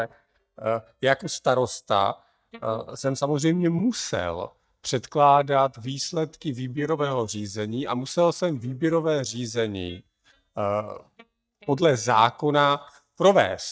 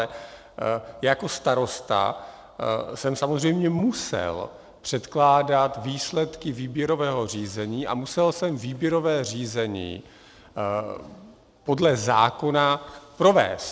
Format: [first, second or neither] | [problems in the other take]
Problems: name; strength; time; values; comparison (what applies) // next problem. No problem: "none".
second | noise reduction (neural mask model DeepFilterNet 3)